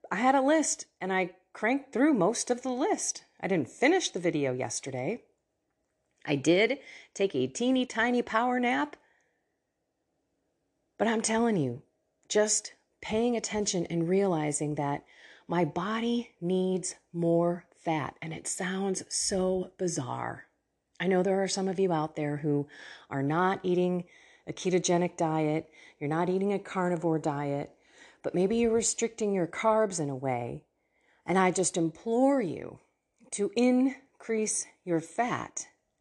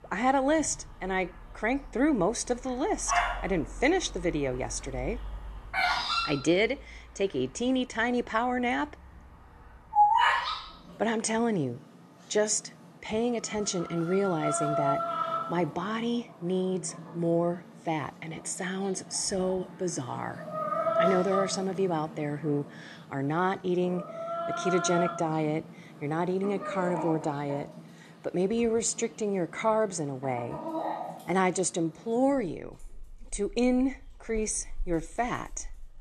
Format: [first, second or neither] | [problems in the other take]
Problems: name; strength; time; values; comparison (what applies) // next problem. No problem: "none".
first | animal sounds; loud; throughout; 2 dB below the speech